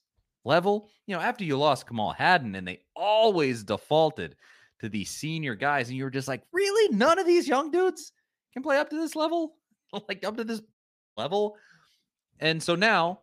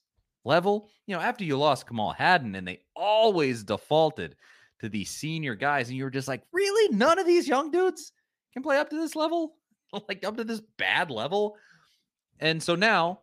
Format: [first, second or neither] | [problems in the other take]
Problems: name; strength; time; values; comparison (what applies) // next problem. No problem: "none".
second | audio cutting out; at 11 s